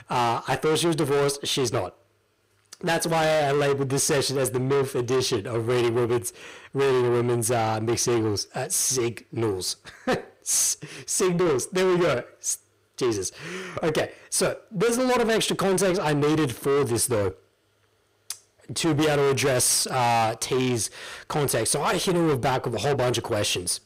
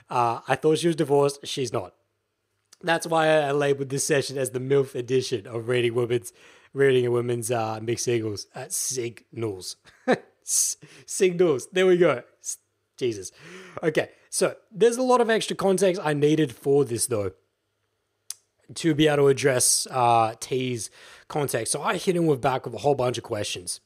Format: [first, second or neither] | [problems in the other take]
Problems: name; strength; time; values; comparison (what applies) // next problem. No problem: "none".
second | distortion; heavy; 6 dB below the speech